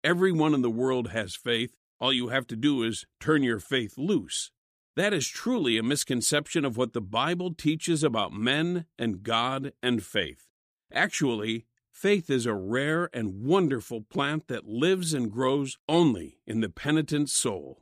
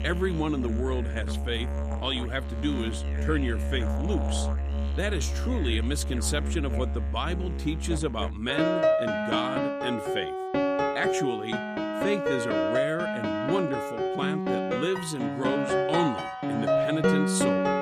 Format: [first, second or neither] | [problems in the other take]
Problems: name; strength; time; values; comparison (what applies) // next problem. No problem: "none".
first | background music; very loud; throughout; 3 dB above the speech